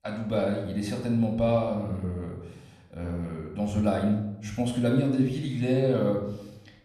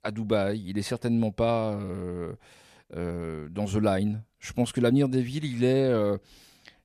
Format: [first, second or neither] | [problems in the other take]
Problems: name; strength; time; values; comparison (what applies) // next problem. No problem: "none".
second | off-mic speech; somewhat distant // room echo; noticeable; dies away in 0.8 s